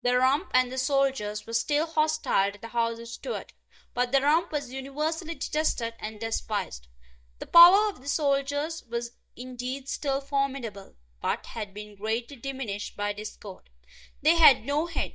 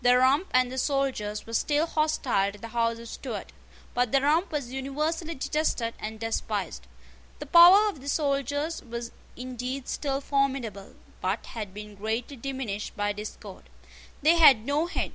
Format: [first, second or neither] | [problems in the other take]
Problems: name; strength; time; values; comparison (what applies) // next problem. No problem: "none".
second | noise reduction (neural mask model DeepFilterNet 3)